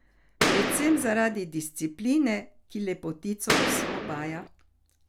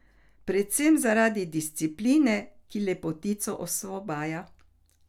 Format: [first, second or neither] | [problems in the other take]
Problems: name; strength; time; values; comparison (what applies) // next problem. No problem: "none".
second | background sound (Boom); 2 dB above the speech